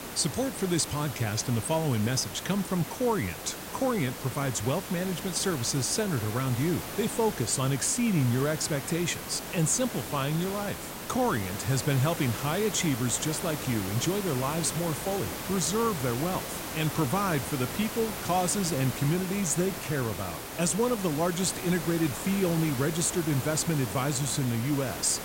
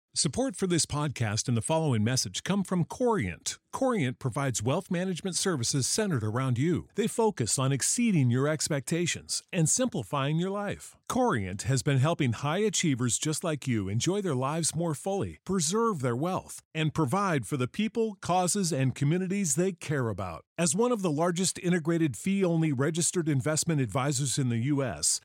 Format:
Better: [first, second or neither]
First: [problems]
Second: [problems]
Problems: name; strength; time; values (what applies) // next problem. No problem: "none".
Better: second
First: hiss; loud; throughout; 7 dB below the speech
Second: none